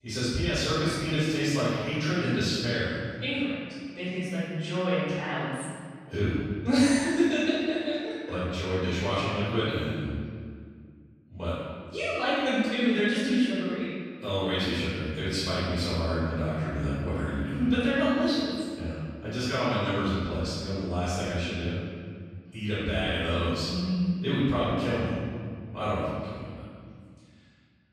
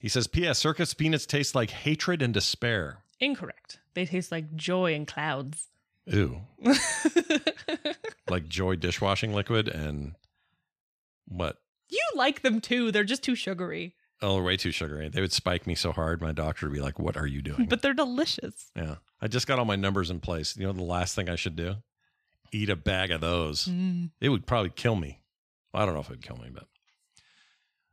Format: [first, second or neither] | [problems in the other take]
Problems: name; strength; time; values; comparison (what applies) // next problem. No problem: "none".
second | off-mic speech; far // room echo; strong; dies away in 2 s